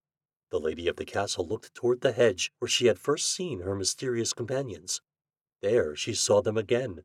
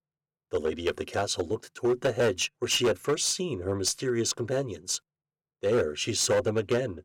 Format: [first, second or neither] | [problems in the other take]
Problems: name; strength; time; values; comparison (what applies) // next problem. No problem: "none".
first | distortion; slight; 5% of the sound clipped